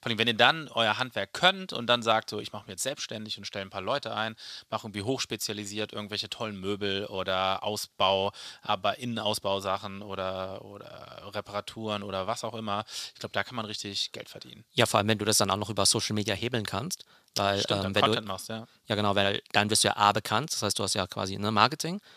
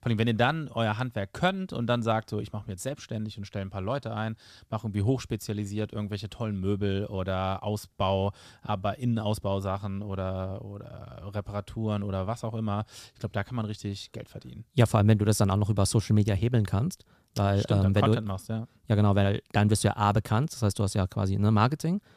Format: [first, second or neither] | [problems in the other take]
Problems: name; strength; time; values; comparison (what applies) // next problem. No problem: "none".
second | thin; somewhat; fading below 750 Hz